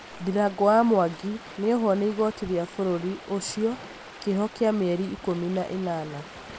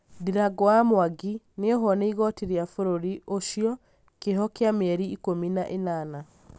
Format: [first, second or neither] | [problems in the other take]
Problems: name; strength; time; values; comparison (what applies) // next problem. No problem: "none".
second | background sound (Stream); 17 dB below the speech